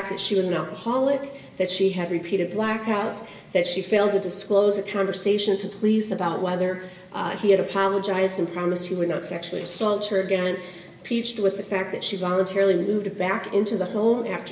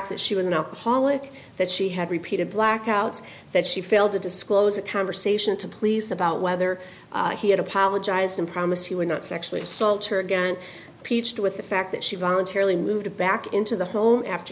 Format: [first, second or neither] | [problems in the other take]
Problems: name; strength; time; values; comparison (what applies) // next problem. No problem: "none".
second | room echo; dies away in 1.1 s